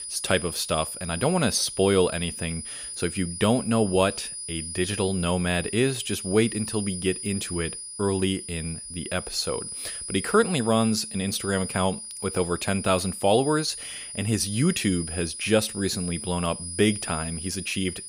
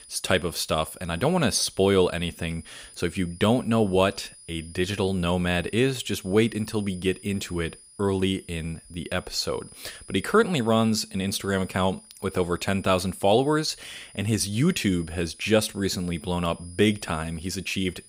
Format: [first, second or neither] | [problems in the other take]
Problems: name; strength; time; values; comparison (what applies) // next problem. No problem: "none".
second | high-pitched whine; loud; throughout; 9.5 kHz, 8 dB below the speech; faint in the second